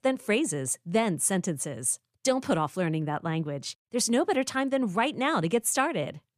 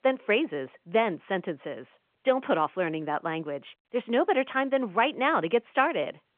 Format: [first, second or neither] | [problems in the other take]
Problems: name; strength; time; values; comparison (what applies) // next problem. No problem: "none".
first | phone-call audio; nothing above 3.5 kHz